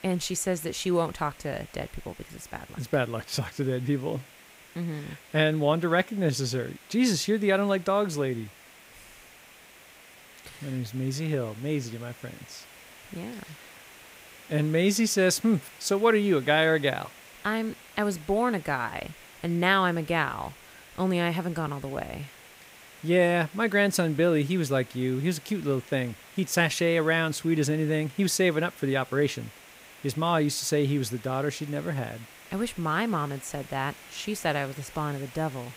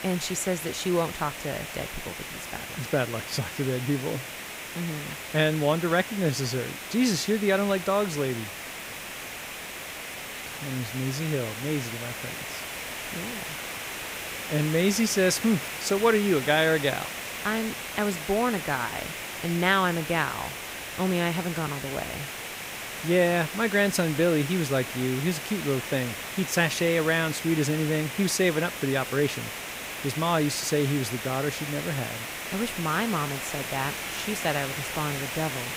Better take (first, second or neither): first